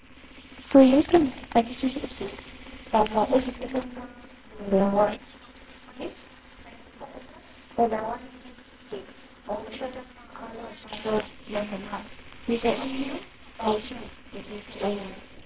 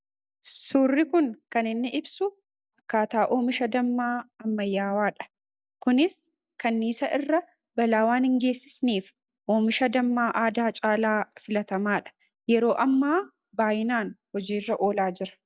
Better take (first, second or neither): second